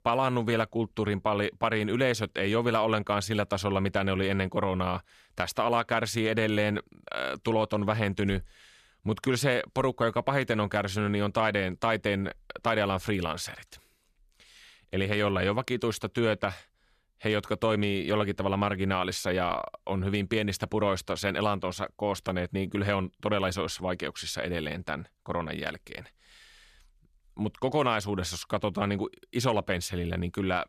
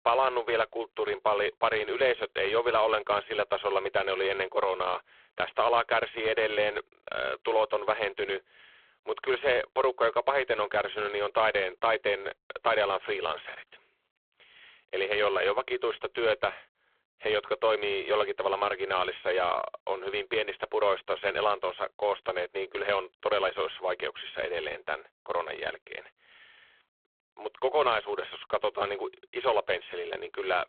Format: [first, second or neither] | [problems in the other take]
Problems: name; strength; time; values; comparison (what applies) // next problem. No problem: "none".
first | phone-call audio; poor line